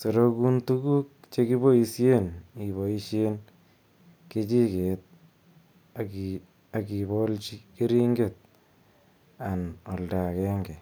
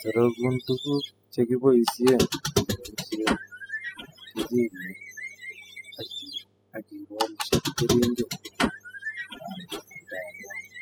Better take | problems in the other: first | noise reduction (classical method spectral subtraction)

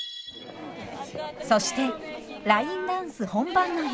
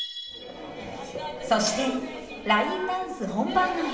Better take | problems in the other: first | background sound (Snare drum); 19 dB below the speech // room echo; dies away in 0.9 s

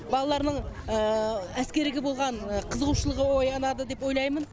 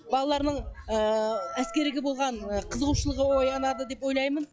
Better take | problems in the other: first | noise reduction (classical method log-MMSE)

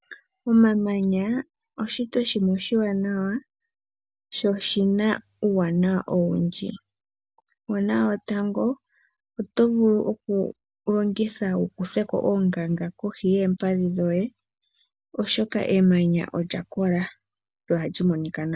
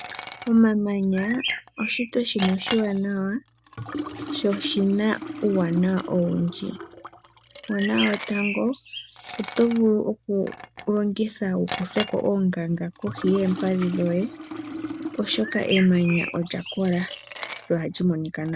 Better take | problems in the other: first | background sound (Bird + Liquid); 10 dB below the speech

